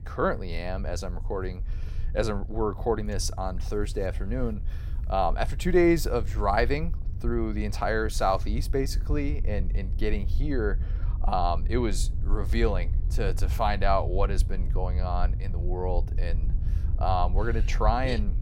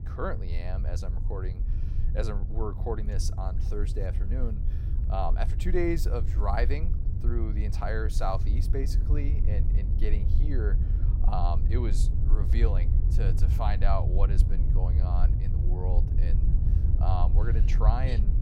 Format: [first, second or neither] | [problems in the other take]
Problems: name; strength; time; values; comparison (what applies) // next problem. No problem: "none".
first | low rumble; loud; throughout; 8 dB below the speech; faint in the first